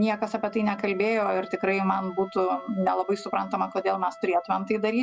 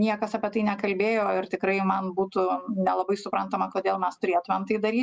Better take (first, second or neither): second